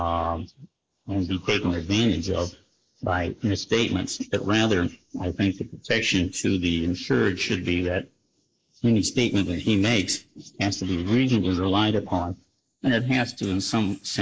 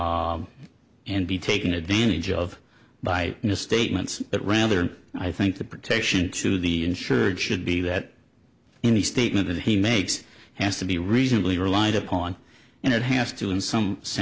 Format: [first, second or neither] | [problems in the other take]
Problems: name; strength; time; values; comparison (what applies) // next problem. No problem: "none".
second | noise reduction (neural mask model Resemble Enhance denoiser)